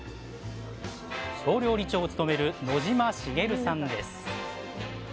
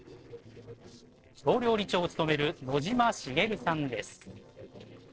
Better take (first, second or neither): first